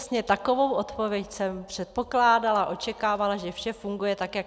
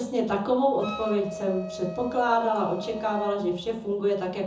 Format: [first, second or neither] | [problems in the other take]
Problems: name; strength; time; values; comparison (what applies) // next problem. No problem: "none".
first | background sound (Wind instrument, woodwind instrument); 12 dB below the speech // room echo; dies away in 0.5 s